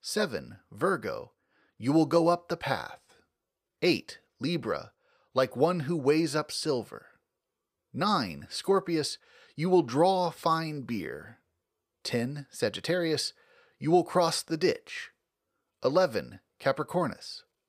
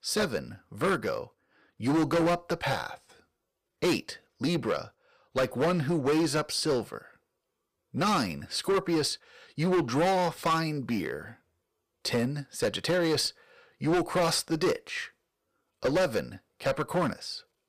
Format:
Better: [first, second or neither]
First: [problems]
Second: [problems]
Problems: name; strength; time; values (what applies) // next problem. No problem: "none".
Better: first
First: none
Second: distortion; heavy; 10% of the sound clipped